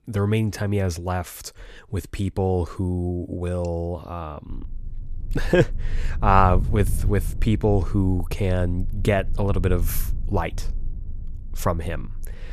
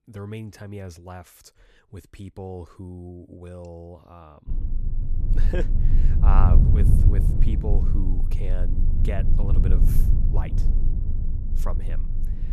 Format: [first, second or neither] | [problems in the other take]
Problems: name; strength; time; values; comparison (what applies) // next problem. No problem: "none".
first | low rumble; loud; from 4.5 s on; 2 dB below the speech; faint in the first